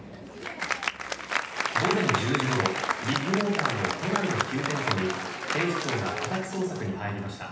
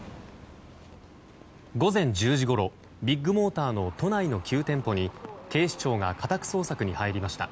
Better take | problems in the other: second | background sound (Applause); as loud as the speech // room echo; dies away in 0.9 s

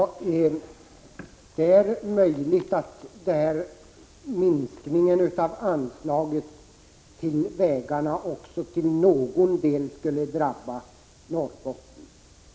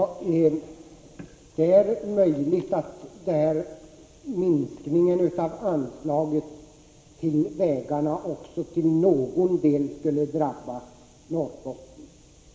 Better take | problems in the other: first | room echo; dies away in 2.6 s

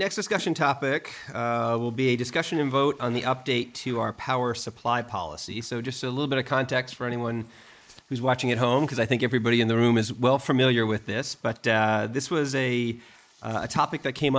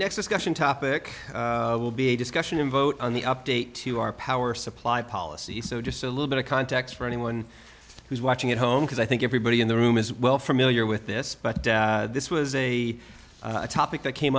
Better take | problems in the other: second | noise reduction (neural mask model Resemble Enhance denoiser)

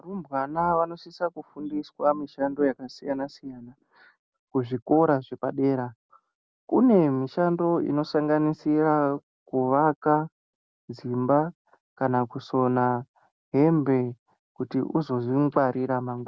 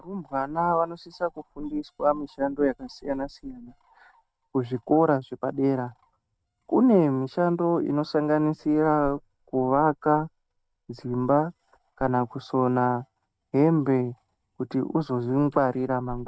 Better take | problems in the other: first | noise reduction (neural mask model RNNoise)

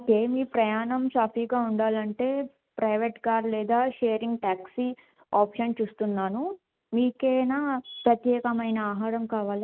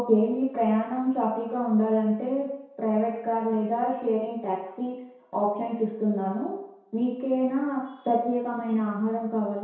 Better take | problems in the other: first | room echo; dies away in 0.7 s

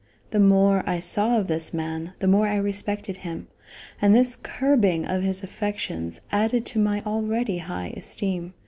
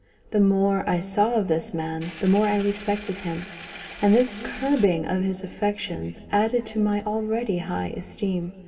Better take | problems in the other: first | background sound (Engine); 17 dB below the speech // room echo; dies away in 2.3 s

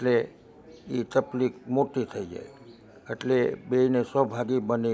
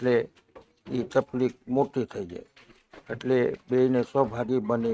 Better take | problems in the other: first | noise reduction (neural mask model RNNoise)

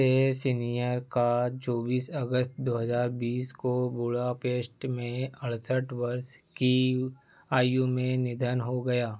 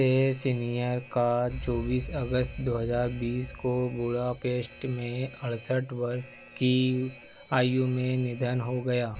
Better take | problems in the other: first | background sound (Alarm); 15 dB below the speech

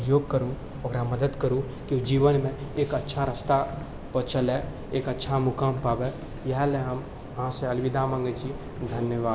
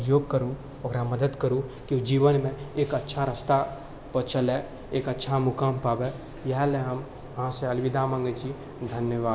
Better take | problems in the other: second | background sound (Subway, metro, underground); 12 dB below the speech

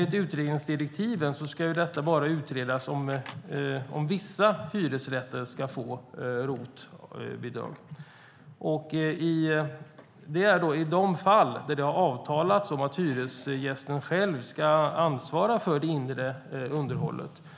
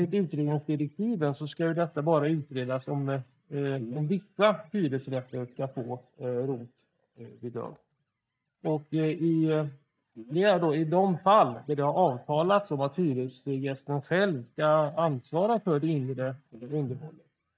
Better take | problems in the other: first | noise reduction (neural mask model DeepFilterNet 3)

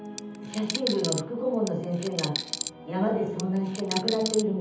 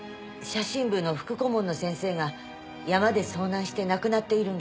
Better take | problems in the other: second | background sound (Coin (dropping)); 7 dB below the speech // room echo; dies away in 0.8 s

